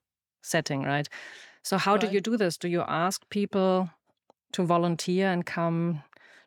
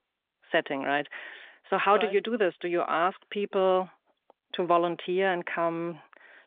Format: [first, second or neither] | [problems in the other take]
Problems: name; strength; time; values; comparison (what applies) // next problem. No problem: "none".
first | phone-call audio